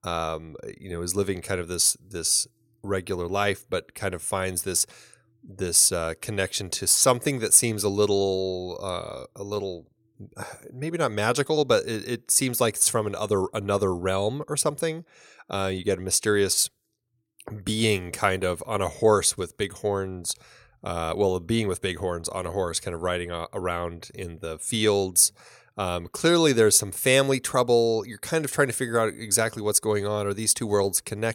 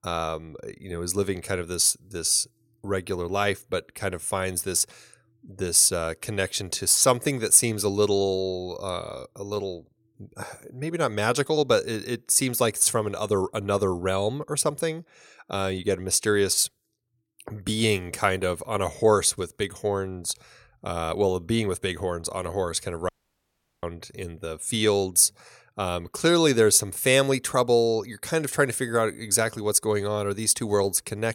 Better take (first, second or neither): first